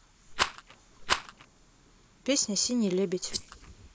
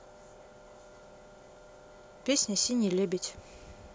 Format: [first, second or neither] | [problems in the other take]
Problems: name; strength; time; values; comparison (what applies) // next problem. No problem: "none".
second | noise reduction (neural mask model Resemble Enhance denoiser)